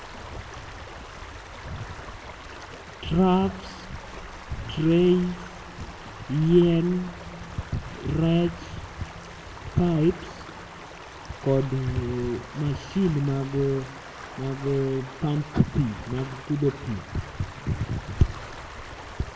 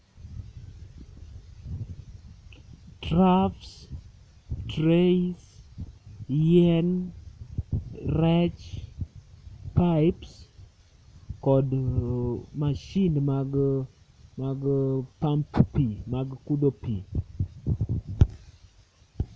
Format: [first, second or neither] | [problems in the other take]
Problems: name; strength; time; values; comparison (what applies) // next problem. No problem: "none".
second | background sound (Stream); 15 dB below the speech // room echo; dies away in 1.2 s